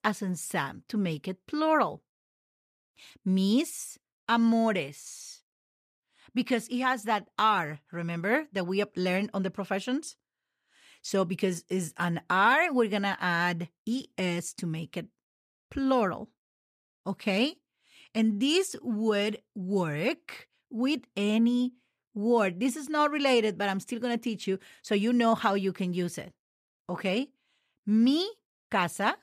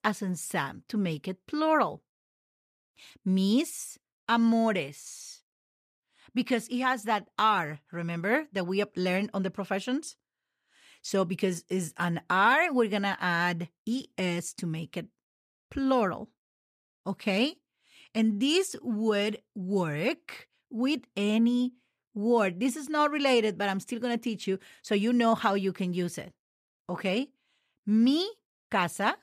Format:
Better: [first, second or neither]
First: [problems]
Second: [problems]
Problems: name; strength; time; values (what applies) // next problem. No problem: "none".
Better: neither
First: none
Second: none